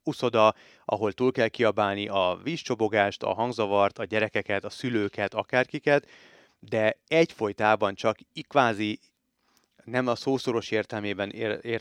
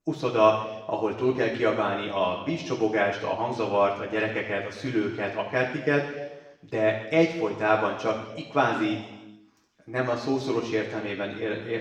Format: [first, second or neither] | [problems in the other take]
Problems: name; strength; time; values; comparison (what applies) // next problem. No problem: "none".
first | room echo; noticeable; dies away in 1 s // off-mic speech; far